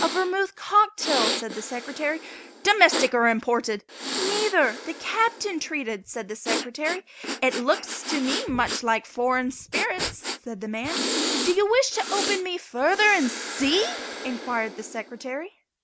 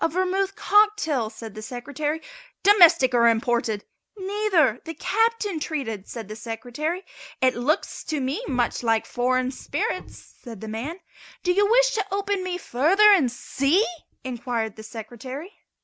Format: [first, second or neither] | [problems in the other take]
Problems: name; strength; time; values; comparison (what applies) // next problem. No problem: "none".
second | background sound (Breathing); 7 dB below the speech